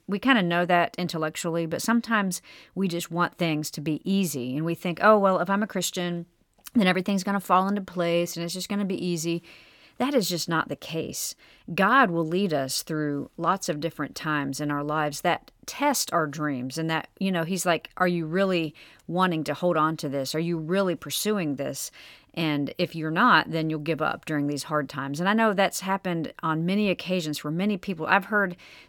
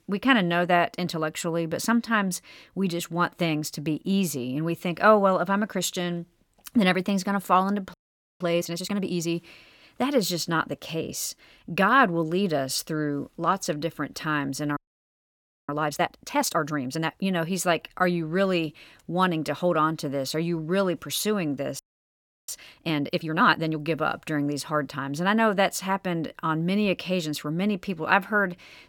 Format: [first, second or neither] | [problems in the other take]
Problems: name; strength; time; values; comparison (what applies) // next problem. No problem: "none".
first | audio freezing; at 8 s, at 15 s for 1 s and at 22 s for 0.5 s